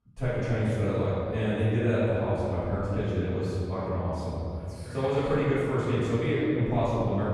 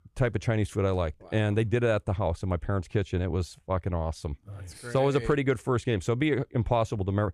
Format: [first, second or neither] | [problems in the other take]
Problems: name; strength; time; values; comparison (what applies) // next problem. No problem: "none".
second | off-mic speech; far // room echo; strong; dies away in 2.3 s